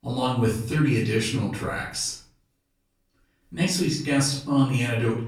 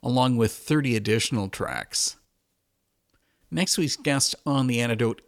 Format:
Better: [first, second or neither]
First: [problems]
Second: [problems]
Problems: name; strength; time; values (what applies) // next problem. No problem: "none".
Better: second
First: room echo; noticeable; dies away in 0.5 s // off-mic speech; far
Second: none